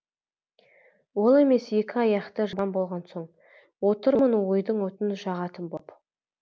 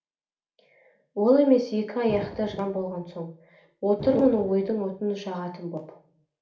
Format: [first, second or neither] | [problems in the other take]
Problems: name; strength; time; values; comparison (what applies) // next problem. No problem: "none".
first | background sound (Explosion); 16 dB below the speech // room echo; dies away in 0.4 s